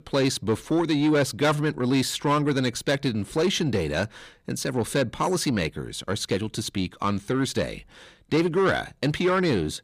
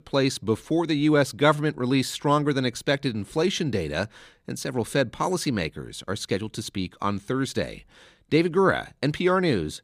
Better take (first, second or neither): second